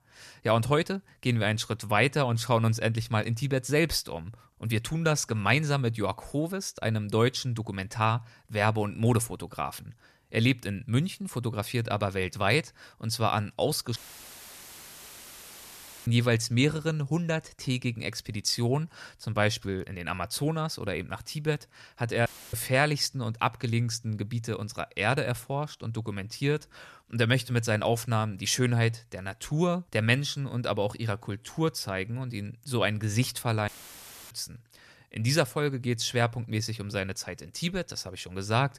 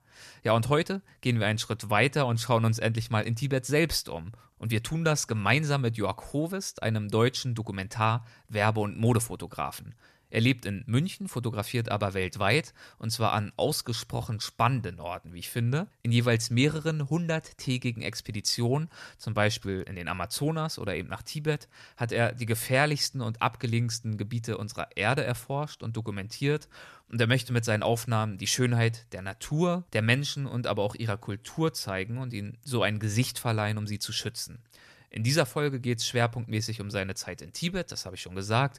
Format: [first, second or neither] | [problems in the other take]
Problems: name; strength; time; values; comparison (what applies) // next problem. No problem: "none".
second | audio cutting out; filled with static; at 14 s for 2 s, at 22 s and at 34 s for 0.5 s